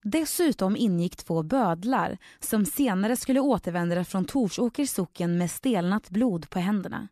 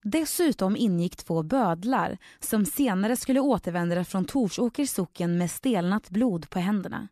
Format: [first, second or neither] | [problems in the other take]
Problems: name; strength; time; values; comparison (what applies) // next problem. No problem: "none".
neither | none